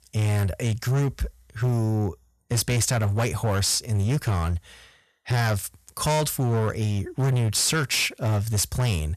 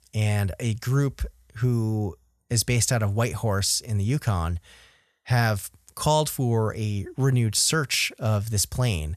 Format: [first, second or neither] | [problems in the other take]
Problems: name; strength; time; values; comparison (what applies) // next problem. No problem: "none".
second | distortion; slight; 19% of the sound clipped